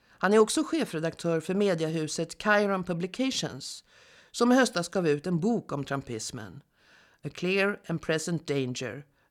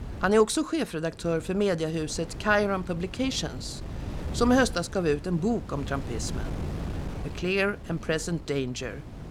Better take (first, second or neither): first